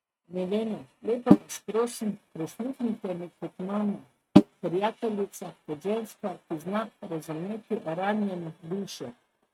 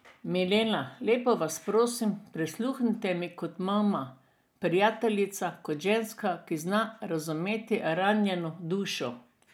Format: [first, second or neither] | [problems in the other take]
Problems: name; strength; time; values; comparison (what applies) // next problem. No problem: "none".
second | noise reduction (neural mask model RNNoise)